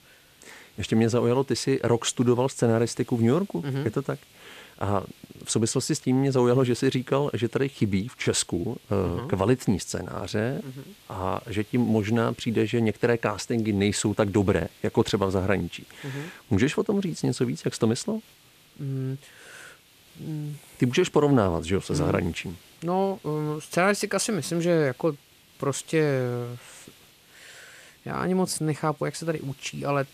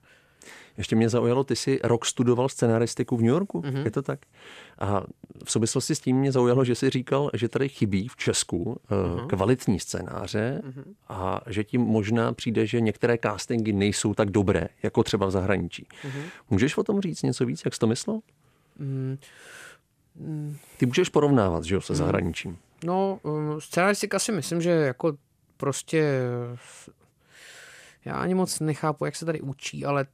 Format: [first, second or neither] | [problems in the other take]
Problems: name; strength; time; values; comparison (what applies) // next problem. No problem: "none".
second | hiss; faint; throughout; 25 dB below the speech